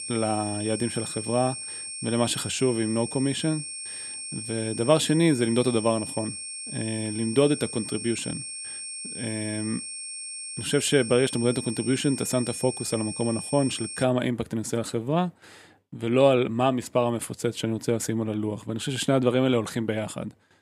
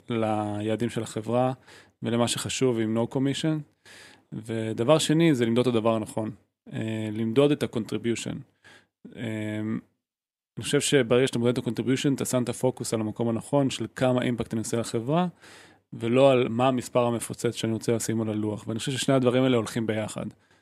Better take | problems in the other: second | high-pitched whine; loud; until 14 s; 8.5 kHz, 7 dB below the speech

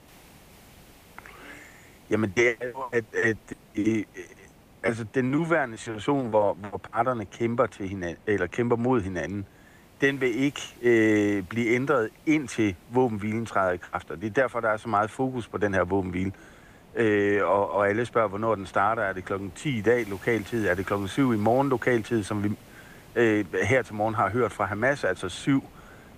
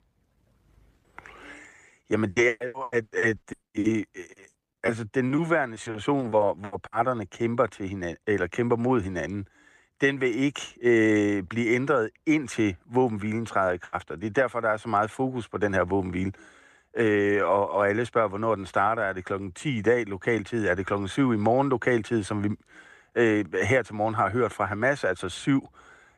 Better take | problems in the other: second | hiss; faint; throughout; 25 dB below the speech

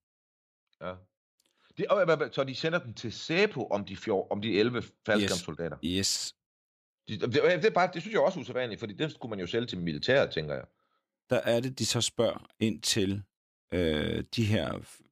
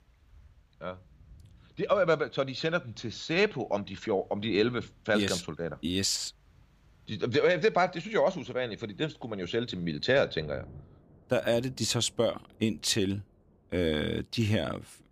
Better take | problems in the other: first | rain or running water; faint; throughout; 30 dB below the speech

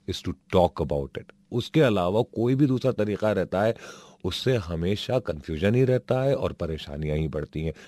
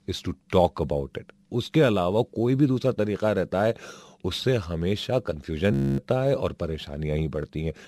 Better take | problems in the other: first | audio freezing; at 5.5 s

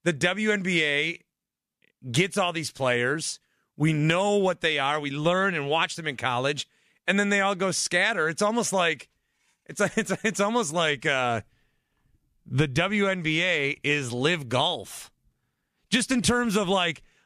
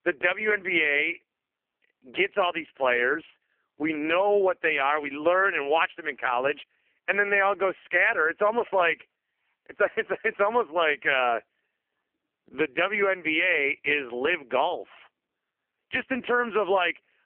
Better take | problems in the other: first | phone-call audio; poor line; nothing above 3 kHz

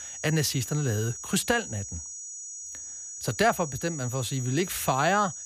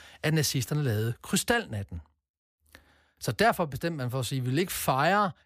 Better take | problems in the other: second | high-pitched whine; loud; throughout; 6.5 kHz, 9 dB below the speech

